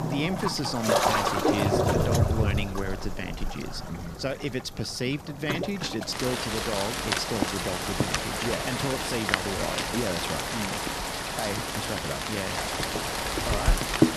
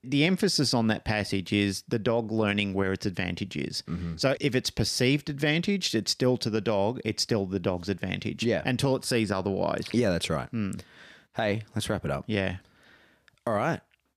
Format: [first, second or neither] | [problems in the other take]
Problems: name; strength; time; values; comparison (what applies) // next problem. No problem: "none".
second | rain or running water; very loud; throughout; 4 dB above the speech